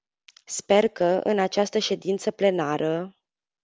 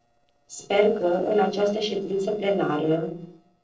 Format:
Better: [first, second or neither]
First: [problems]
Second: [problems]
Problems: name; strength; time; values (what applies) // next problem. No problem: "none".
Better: first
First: none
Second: noise reduction (neural separator model SepFormer DNS4)